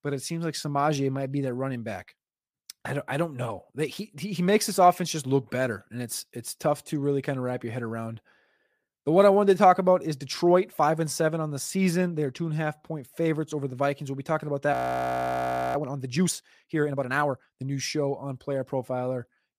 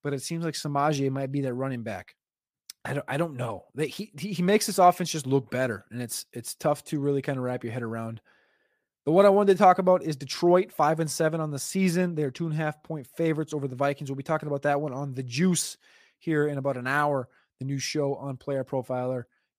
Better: second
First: audio freezing; at 15 s for 1 s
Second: none

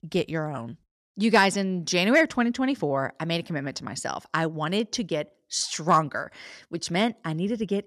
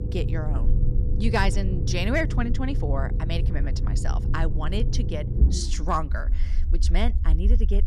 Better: first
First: none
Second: low rumble; noticeable; throughout; 10 dB below the speech

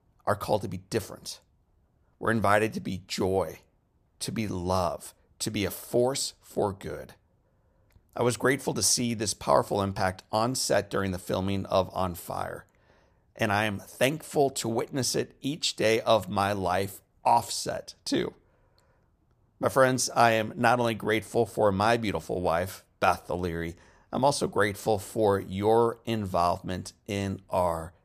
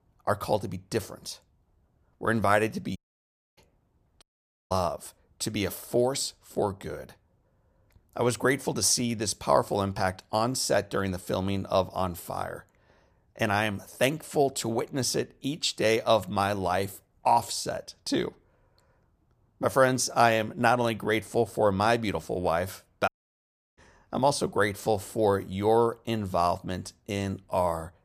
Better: first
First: none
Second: audio cutting out; at 3 s for 0.5 s, at 4 s and at 23 s for 0.5 s

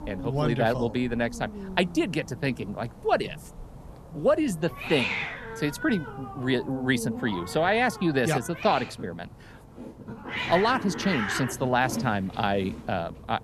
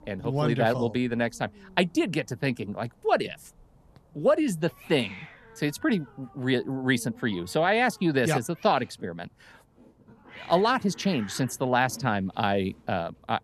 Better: second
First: hiss; loud; throughout; 9 dB below the speech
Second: hiss; faint; throughout; 25 dB below the speech

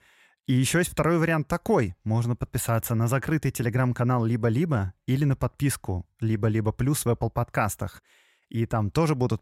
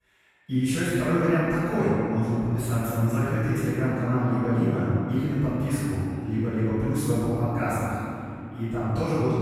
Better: first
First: none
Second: off-mic speech; far // room echo; strong; dies away in 3 s

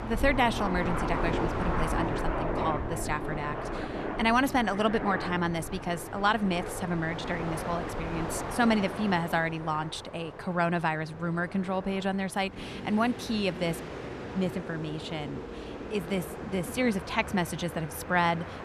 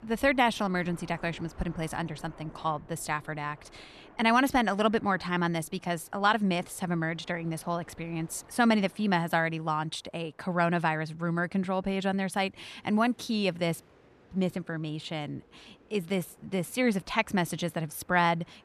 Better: second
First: train or aircraft noise; loud; throughout; 6 dB below the speech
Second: train or aircraft noise; faint; throughout; 25 dB below the speech

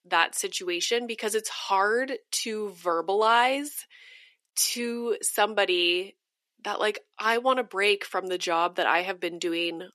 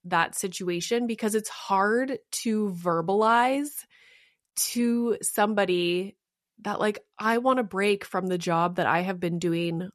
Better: second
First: thin; somewhat; fading below 300 Hz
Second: none

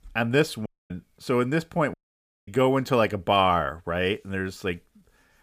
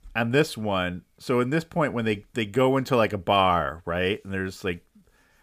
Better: second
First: audio cutting out; at 0.5 s and at 2 s for 0.5 s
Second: none

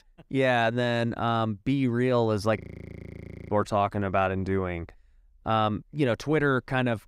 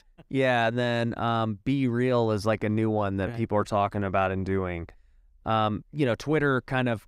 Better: second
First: audio freezing; at 2.5 s for 1 s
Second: none

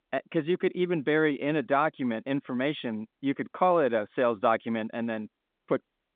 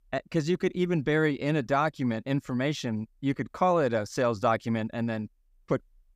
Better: second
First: phone-call audio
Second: none

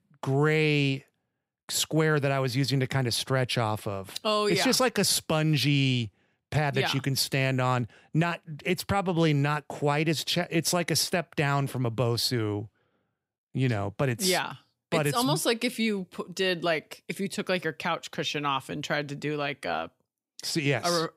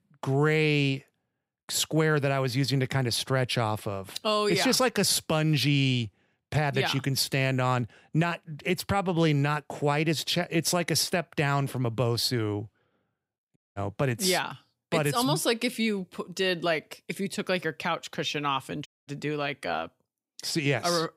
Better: first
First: none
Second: audio cutting out; at 14 s and at 19 s

